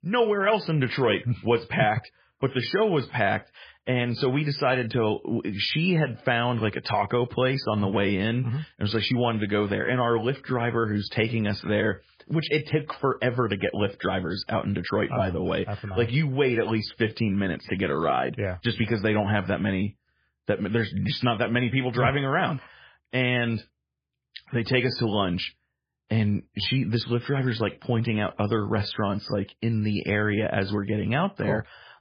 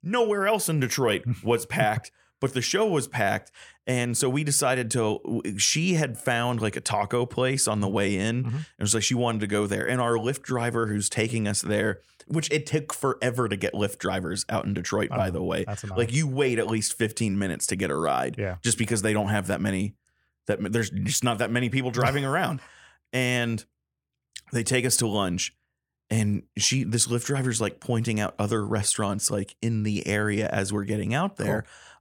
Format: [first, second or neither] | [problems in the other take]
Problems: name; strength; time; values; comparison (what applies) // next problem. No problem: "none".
second | garbled, watery; badly; nothing above 5 kHz